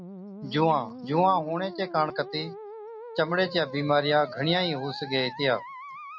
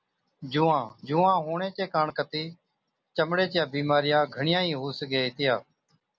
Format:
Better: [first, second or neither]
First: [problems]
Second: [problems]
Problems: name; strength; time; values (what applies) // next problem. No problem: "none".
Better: second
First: background sound (Musical instrument); 13 dB below the speech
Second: none